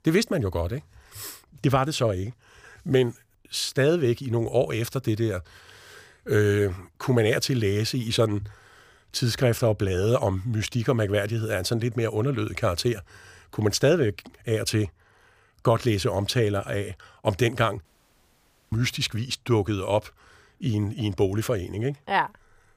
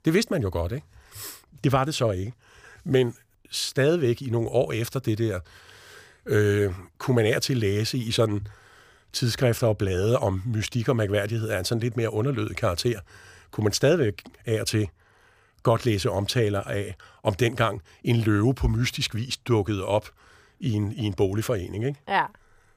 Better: second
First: audio cutting out; at 18 s for 1 s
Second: none

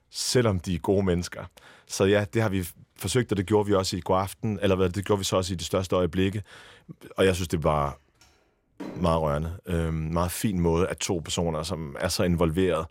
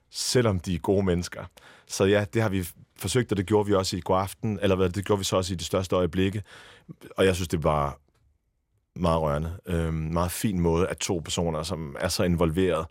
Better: second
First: door banging; faint; at 8 s; peak 15 dB below the speech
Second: none

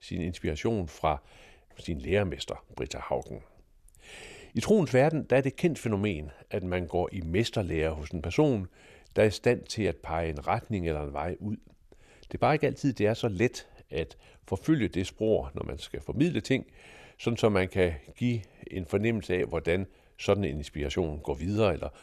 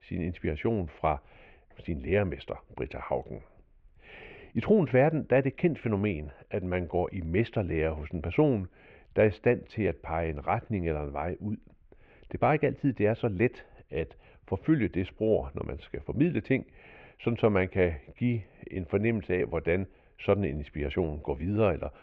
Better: first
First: none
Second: muffled; very; fading above 2.5 kHz

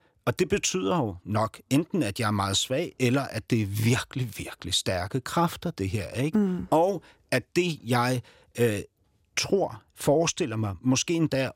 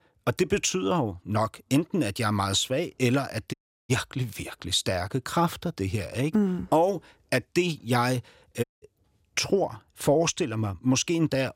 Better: first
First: none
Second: audio cutting out; at 3.5 s and at 8.5 s

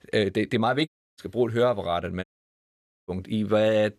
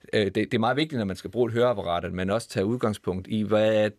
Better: second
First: audio cutting out; at 1 s and at 2 s for 1 s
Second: none

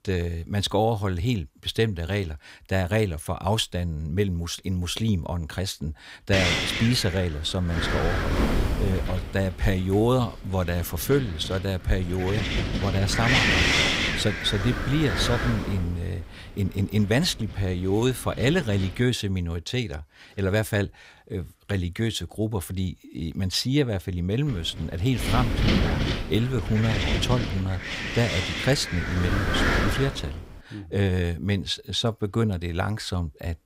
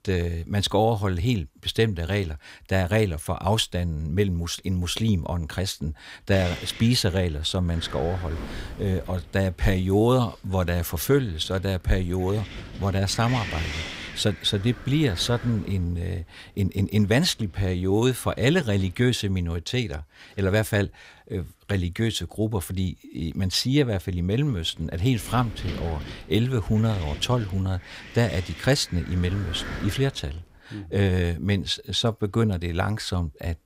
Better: second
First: wind noise on the microphone; heavy; from 6.5 to 19 s and from 24 to 31 s; 3 dB above the speech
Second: wind noise on the microphone; occasional gusts; from 6.5 to 19 s and from 24 to 31 s; 10 dB below the speech

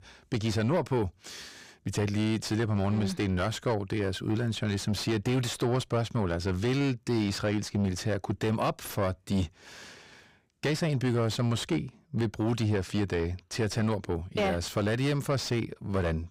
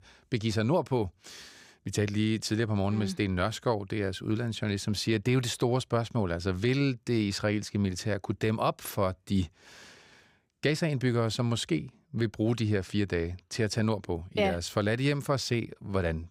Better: second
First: distortion; slight; 10 dB below the speech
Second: none

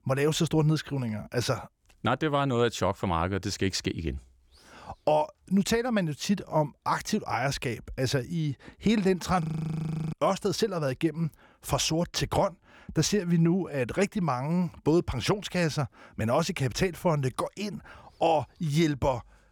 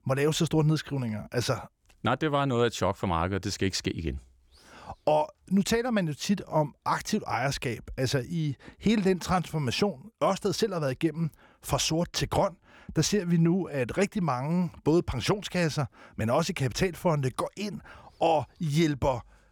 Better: second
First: audio freezing; at 9.5 s for 0.5 s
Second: none

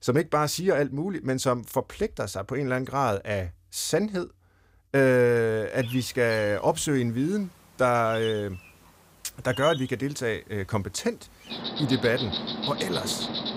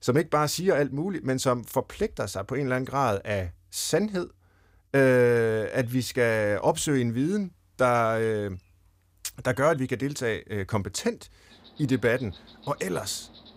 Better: second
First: animal sounds; loud; from 5.5 s on; 7 dB below the speech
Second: animal sounds; faint; from 5.5 s on; 25 dB below the speech

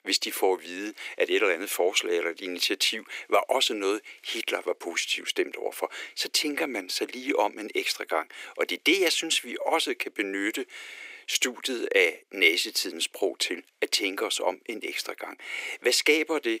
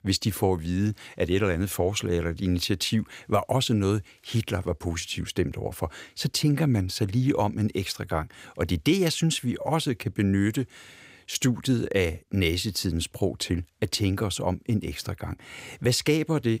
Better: second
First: thin; very; fading below 350 Hz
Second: none

